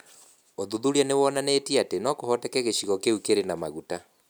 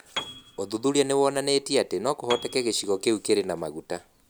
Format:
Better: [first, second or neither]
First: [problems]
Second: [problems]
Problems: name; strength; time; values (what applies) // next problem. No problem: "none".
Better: first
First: none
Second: background sound (Piano); 16 dB below the speech